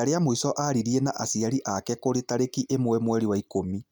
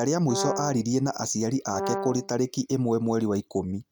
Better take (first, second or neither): first